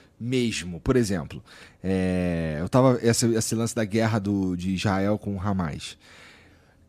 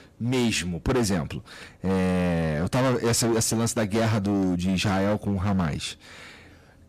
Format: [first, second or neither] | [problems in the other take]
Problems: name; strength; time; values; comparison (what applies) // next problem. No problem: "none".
first | distortion; heavy; 18% of the sound clipped